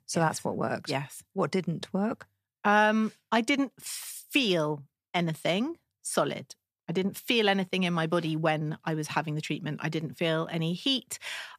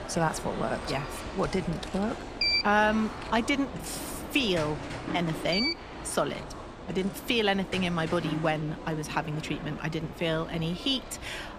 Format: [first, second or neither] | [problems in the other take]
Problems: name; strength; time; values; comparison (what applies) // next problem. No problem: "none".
first | alarms or sirens; loud; throughout; 5 dB below the speech